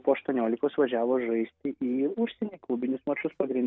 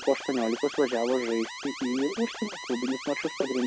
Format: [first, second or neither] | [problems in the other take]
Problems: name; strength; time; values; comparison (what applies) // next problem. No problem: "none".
first | background sound (Alarm); 11 dB below the speech